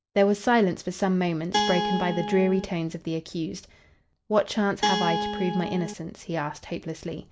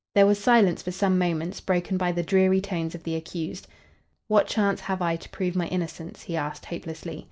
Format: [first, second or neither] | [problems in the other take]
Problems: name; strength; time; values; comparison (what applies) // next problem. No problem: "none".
second | background sound (Guitar); 1 dB below the speech